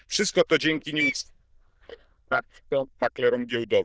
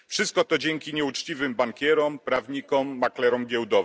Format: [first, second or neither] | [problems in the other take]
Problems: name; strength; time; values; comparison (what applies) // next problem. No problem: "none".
second | noise reduction (neural diffusion model UNIVERSE++)